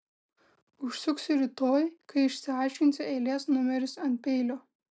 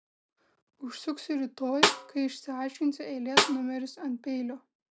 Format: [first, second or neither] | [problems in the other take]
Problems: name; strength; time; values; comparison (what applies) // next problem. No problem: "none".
first | background sound (Snare drum); 3 dB above the speech